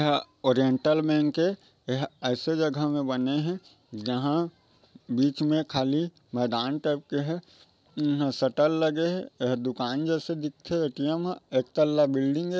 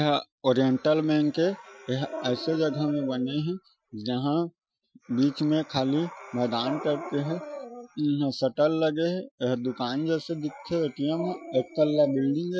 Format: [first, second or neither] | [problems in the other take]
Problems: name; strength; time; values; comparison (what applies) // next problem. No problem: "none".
first | noise reduction (classical method Wiener filter)